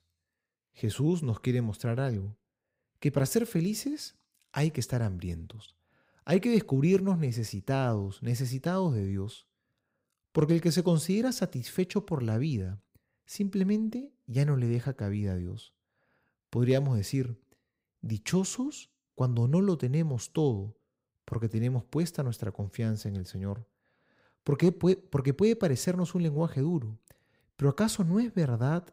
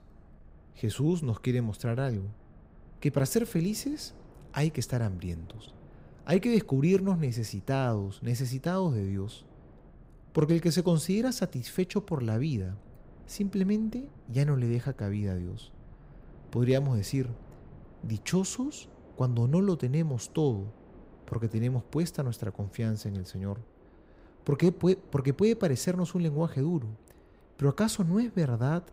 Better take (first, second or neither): first